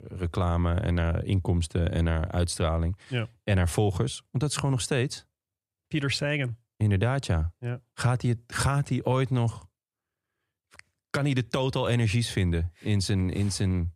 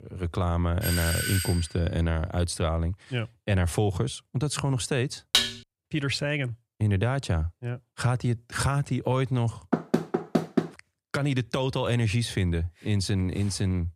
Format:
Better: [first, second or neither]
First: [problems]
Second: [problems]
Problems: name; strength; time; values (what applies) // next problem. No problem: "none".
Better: first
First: none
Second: doorbell; loud; at 1 s; peak level with the speech // clattering dishes; loud; at 5.5 s; peak 5 dB above the speech // door banging; loud; at 9.5 s; peak 1 dB above the speech